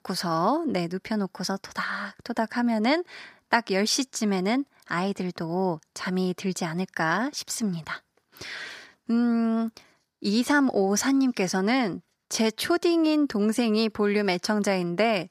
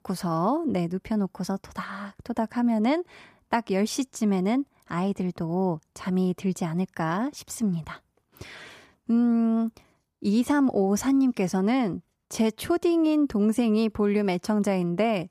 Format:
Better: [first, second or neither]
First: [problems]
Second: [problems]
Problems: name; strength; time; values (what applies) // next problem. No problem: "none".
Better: second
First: thin; very slightly; fading below 250 Hz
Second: none